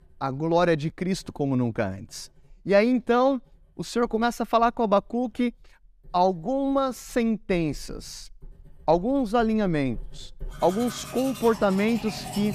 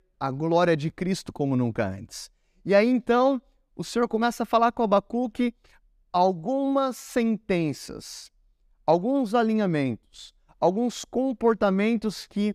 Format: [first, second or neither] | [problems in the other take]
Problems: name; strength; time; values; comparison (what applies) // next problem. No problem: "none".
second | household noises; noticeable; throughout; 15 dB below the speech